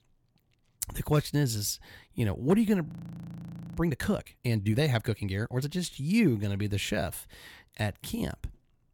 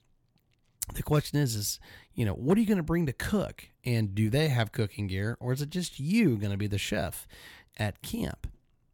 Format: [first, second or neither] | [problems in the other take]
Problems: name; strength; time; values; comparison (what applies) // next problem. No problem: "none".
second | audio freezing; at 3 s for 1 s